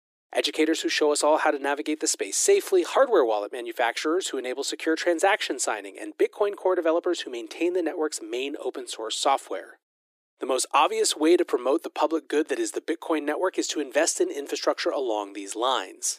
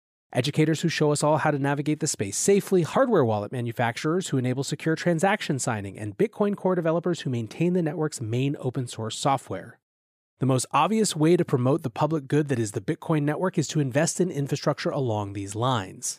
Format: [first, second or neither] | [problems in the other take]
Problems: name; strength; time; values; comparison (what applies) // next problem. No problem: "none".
second | thin; very; fading below 300 Hz